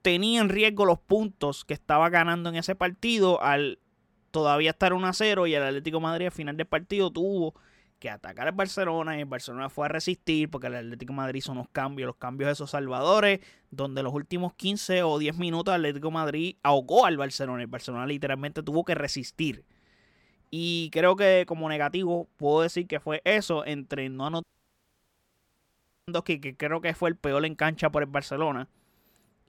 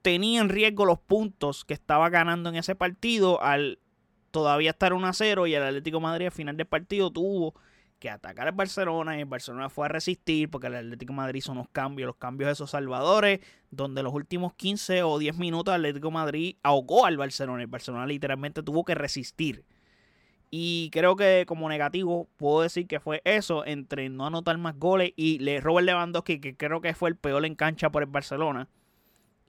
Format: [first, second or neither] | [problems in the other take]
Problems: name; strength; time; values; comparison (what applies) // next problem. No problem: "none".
second | audio cutting out; at 24 s for 1.5 s